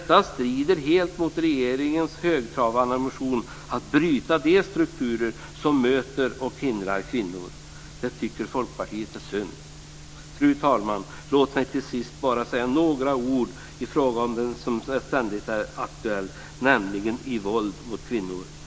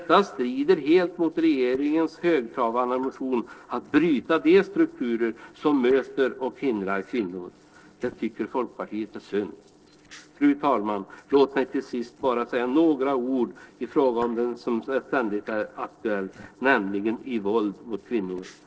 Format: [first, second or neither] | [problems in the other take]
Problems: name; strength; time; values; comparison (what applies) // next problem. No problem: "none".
first | noise reduction (neural separator model SepFormer DNS4)